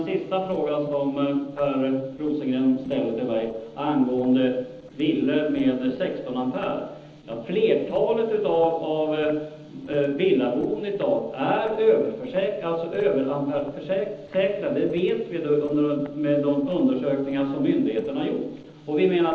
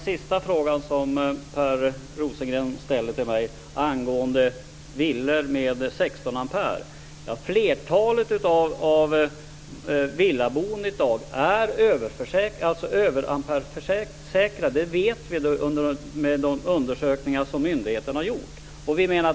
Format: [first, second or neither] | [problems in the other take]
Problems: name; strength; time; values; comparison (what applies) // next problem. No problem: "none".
second | noise reduction (neural separator model SepFormer DNS4)